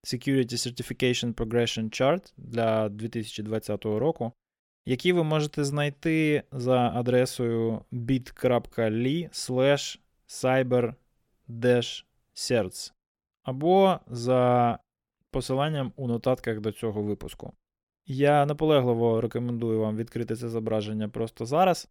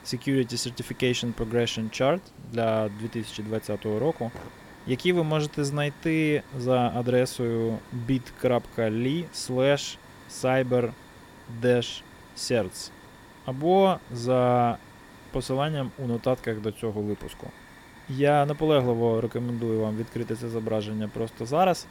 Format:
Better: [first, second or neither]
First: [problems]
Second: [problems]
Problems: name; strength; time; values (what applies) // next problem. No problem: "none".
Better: first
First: none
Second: hiss; faint; throughout; 20 dB below the speech